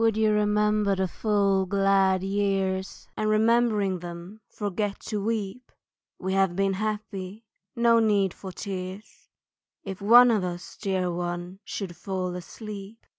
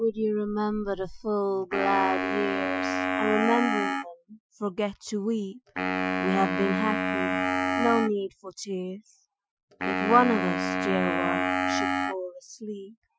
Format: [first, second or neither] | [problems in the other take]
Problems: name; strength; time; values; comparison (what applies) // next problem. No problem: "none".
first | noise reduction (classical method Wiener filter)